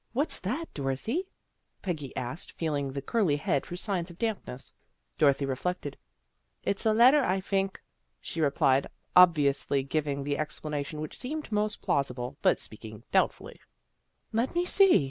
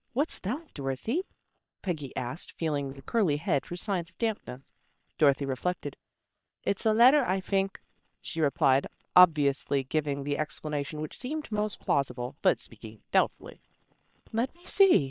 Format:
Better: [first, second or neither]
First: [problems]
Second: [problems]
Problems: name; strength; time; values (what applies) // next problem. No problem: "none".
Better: first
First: none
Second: noise reduction (neural separator model SepFormer WHAM!)